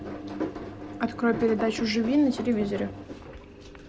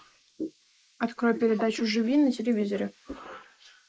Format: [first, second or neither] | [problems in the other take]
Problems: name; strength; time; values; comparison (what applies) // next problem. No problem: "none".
first | noise reduction (neural mask model Resemble Enhance denoiser)